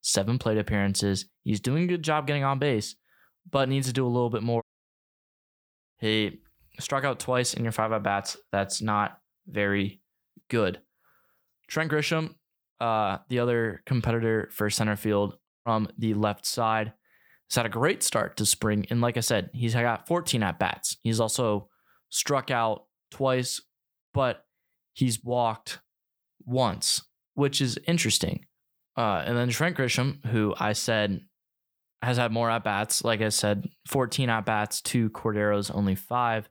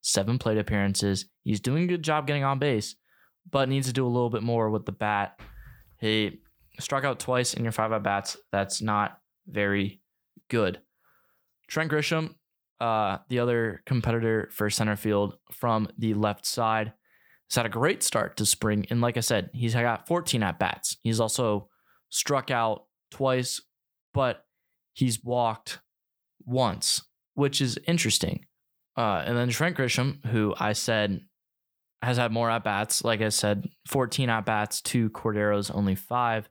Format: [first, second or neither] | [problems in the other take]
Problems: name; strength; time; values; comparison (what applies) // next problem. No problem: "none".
second | audio cutting out; at 4.5 s for 1.5 s and at 15 s